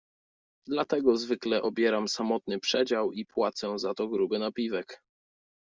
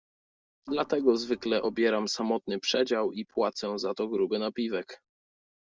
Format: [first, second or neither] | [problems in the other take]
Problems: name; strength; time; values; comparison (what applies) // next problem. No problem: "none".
first | noise reduction (neural separator model SepFormer DNS4)